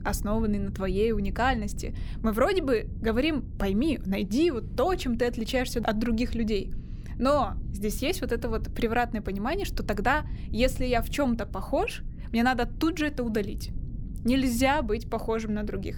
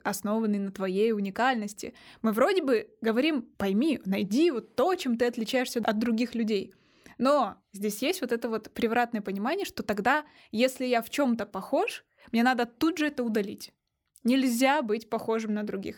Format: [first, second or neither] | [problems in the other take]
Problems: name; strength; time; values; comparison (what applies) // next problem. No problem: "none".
second | low rumble; faint; throughout; 25 dB below the speech